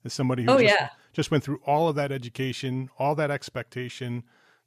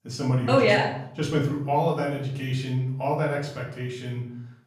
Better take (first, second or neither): first